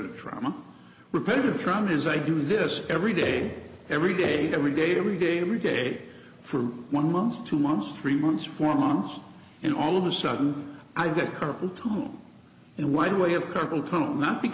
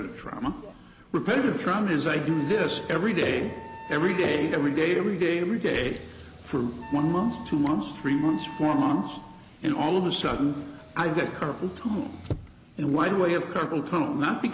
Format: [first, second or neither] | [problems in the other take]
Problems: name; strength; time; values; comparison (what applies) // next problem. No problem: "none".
first | background sound (Wind instrument, woodwind instrument + Motor vehicle (road)); 17 dB below the speech